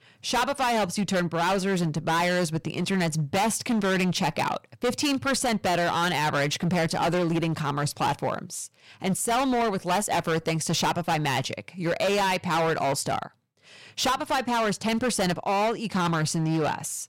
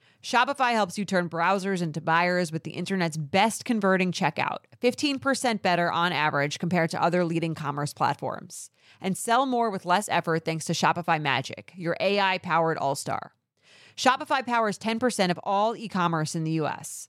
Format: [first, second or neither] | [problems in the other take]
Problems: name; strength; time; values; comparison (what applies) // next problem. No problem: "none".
second | distortion; heavy; 21% of the sound clipped